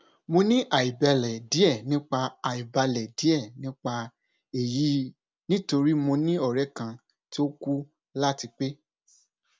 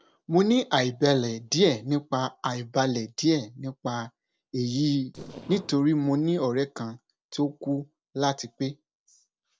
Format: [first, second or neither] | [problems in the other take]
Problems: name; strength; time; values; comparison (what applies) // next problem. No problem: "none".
first | noise reduction (neural separator model SepFormer DNS4)